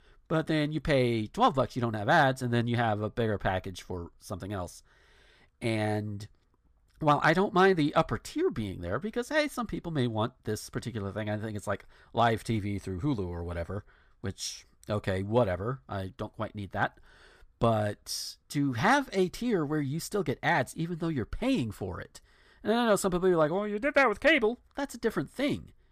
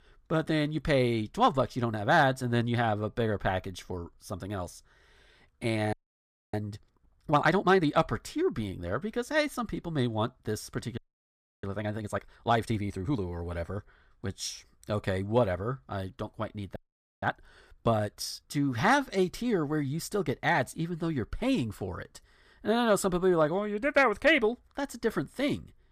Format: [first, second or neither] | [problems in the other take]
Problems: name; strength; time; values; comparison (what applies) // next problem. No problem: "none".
first | audio freezing; at 6 s for 0.5 s, at 11 s for 0.5 s and at 17 s